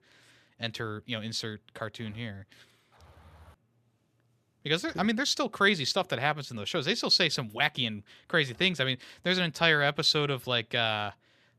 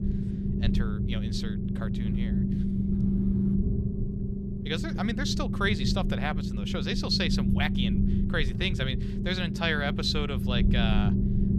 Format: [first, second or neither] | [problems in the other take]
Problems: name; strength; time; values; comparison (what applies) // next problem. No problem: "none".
first | low rumble; loud; throughout; 6 dB below the speech